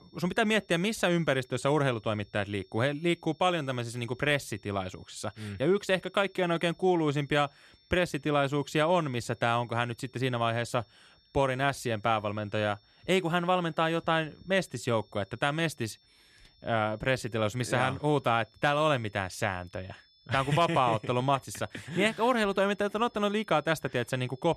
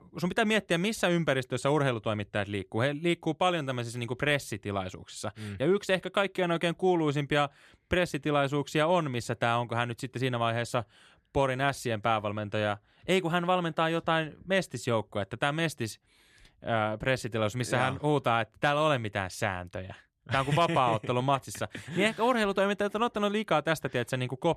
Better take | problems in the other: second | high-pitched whine; faint; throughout; 5.5 kHz, 30 dB below the speech

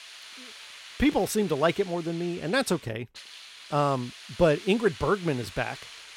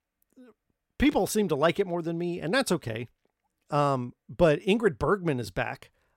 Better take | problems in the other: second | hiss; noticeable; throughout; 15 dB below the speech

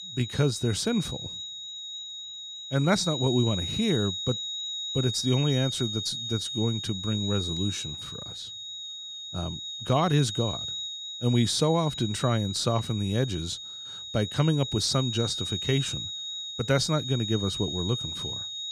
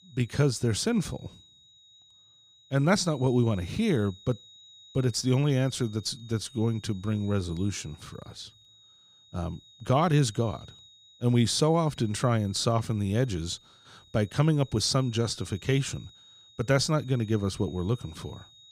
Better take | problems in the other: second | high-pitched whine; loud; throughout; 4 kHz, 5 dB below the speech; faint in the second

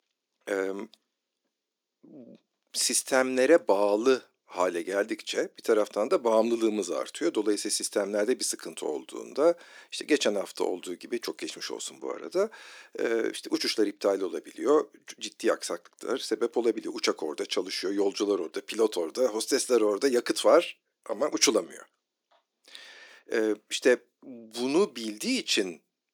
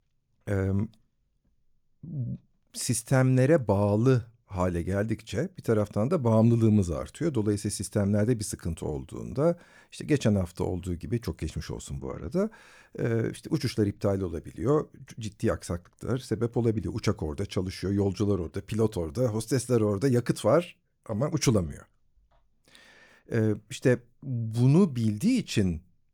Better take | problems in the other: second | thin; somewhat; fading below 300 Hz

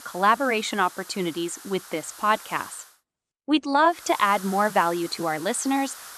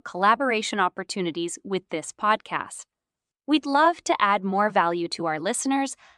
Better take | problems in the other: second | hiss; noticeable; until 3 s and from 4 s on; 15 dB below the speech

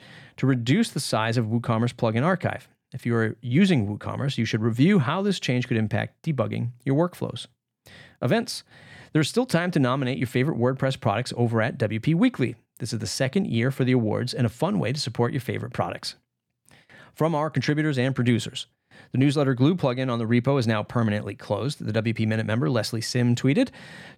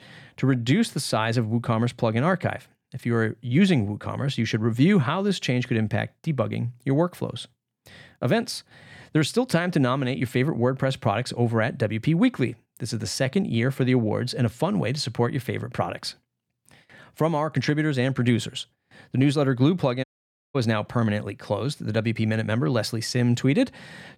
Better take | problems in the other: first | audio cutting out; at 20 s for 0.5 s

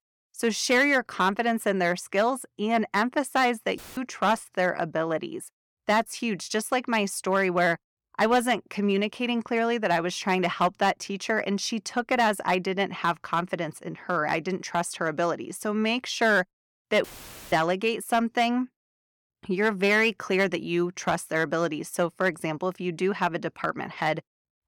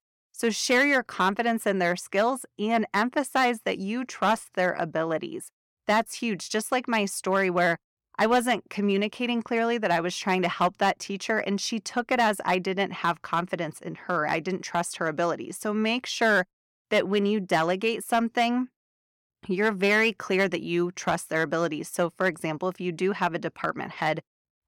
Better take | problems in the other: second | audio cutting out; filled with static; at 4 s and at 17 s

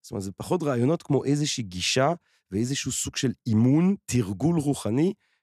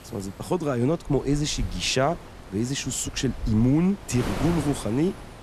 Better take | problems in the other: first | wind noise on the microphone; occasional gusts; 10 dB below the speech

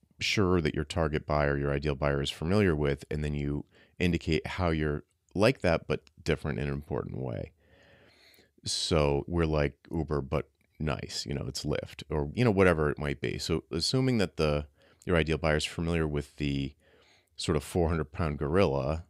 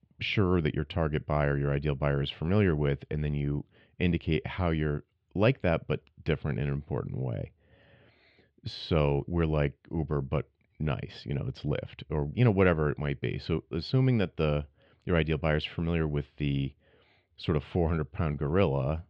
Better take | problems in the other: first | muffled; slightly; fading above 3.5 kHz

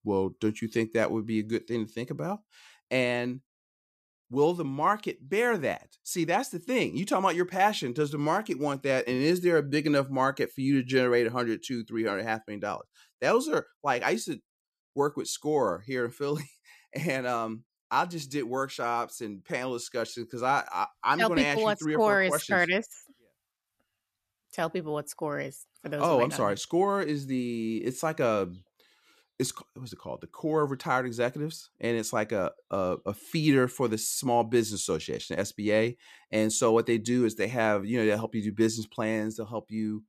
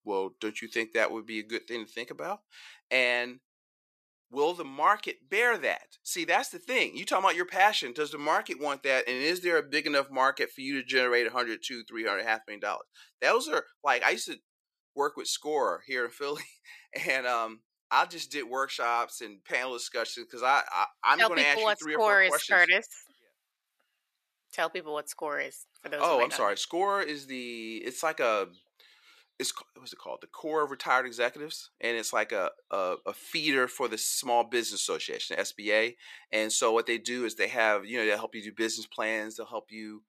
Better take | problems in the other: first | thin; somewhat; fading below 500 Hz

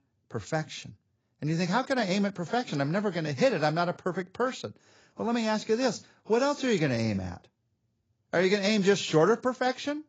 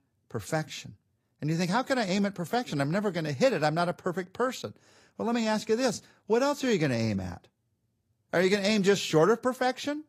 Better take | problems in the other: second | garbled, watery; badly; nothing above 7.5 kHz; slightly in the second

